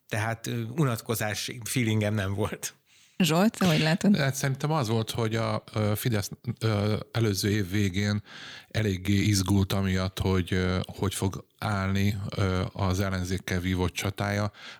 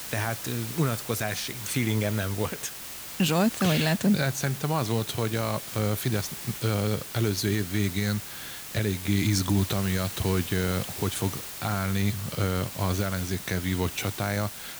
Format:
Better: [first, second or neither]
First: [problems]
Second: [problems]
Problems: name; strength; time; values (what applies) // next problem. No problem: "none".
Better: first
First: none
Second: hiss; loud; throughout; 8 dB below the speech